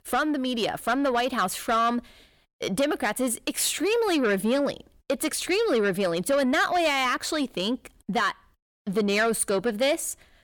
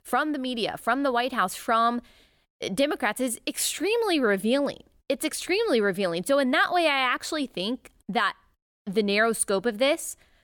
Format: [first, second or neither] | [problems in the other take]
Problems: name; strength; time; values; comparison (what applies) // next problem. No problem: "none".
second | distortion; slight; 10 dB below the speech